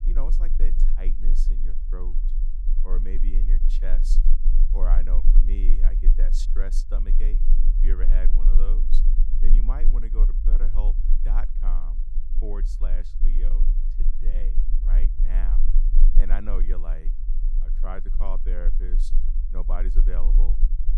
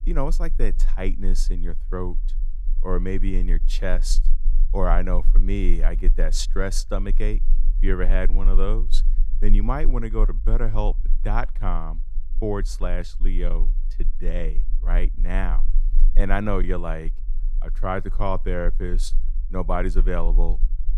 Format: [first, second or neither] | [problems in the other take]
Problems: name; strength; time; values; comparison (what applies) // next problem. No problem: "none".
second | low rumble; loud; throughout; 9 dB below the speech; faint in the second